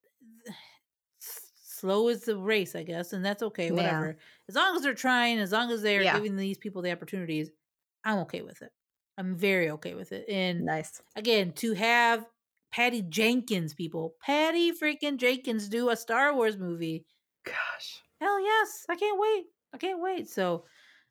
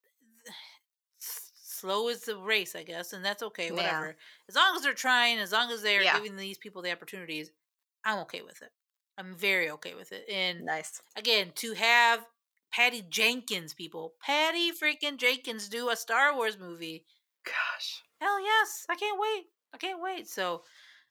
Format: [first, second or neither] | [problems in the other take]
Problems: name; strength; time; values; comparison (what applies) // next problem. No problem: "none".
first | thin; somewhat; fading below 1 kHz